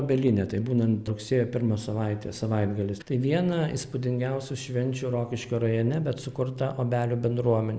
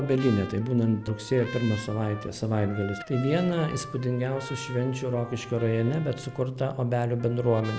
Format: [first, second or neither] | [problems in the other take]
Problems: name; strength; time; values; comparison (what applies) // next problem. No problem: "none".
first | background sound (Trumpet); 16 dB below the speech